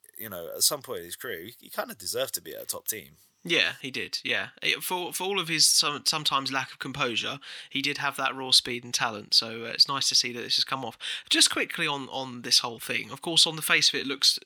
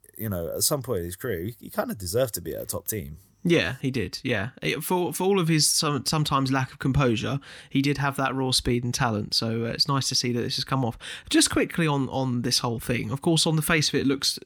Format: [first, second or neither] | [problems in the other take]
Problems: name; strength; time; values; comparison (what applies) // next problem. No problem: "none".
second | thin; somewhat; fading below 850 Hz